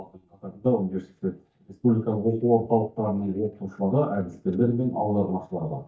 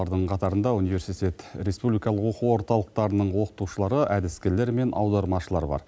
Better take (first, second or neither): second